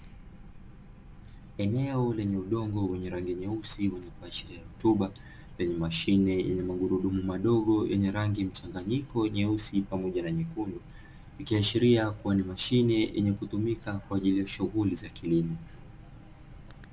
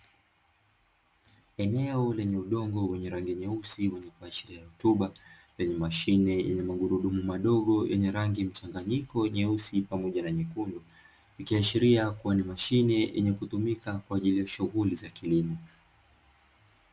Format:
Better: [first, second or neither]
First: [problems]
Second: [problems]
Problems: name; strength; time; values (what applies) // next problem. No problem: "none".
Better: second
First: background sound (Boat, Water vehicle); 18 dB below the speech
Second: none